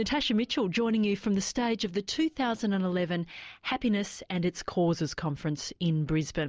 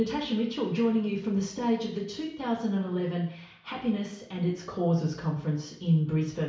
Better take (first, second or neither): first